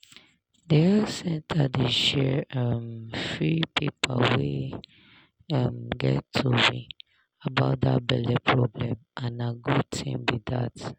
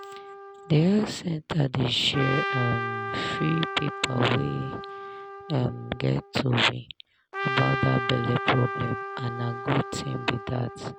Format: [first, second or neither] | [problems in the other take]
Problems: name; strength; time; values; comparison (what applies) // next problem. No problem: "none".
first | background sound (Trumpet); 7 dB below the speech